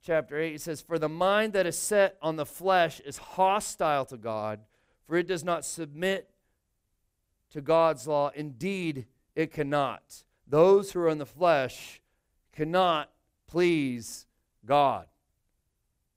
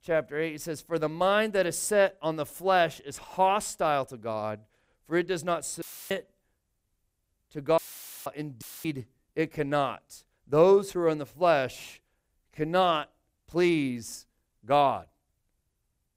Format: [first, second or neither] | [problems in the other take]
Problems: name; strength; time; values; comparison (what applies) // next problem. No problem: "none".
first | audio cutting out; filled with static; at 6 s, at 8 s and at 8.5 s